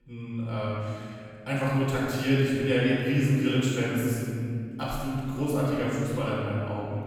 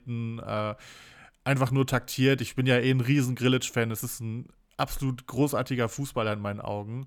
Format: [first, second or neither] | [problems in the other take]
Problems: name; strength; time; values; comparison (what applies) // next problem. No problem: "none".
second | room echo; strong; dies away in 2.3 s // off-mic speech; far